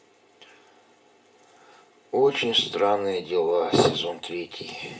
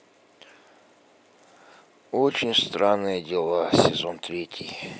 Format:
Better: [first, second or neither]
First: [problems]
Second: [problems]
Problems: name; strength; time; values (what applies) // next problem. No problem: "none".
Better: second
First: room echo; dies away in 0.4 s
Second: none